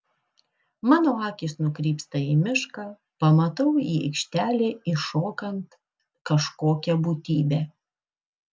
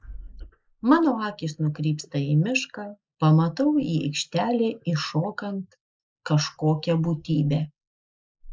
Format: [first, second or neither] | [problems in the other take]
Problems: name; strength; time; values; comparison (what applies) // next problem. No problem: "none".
first | noise reduction (neural mask model Resemble Enhance denoiser)